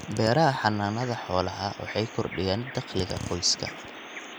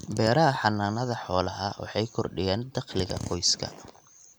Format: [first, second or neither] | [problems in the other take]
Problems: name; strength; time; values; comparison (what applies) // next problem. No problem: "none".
second | background sound (Bird vocalization, bird call, bird song); 14 dB below the speech